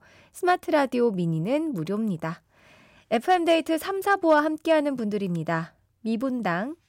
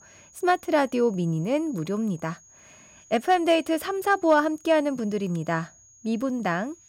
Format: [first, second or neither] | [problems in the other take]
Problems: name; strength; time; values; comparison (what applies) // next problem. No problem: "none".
first | high-pitched whine; faint; throughout; 6.5 kHz, 25 dB below the speech